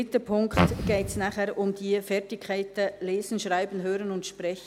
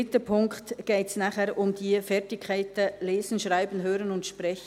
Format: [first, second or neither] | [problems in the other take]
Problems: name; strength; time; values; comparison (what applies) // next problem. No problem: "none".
second | background sound (Fart); 2 dB above the speech